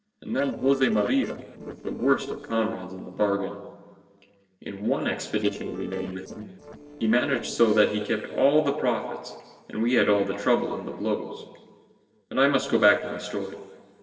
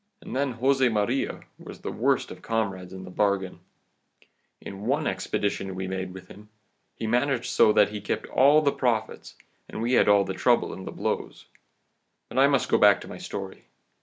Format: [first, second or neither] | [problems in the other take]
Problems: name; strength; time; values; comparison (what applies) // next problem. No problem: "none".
second | noise reduction (neural separator model SepFormer DNS4)